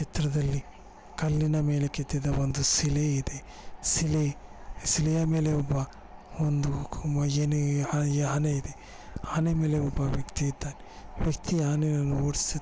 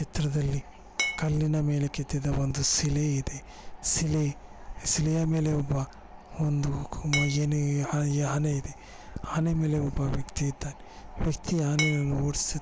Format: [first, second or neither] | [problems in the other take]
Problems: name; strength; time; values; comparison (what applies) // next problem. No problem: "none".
first | background sound (Glass); 3 dB below the speech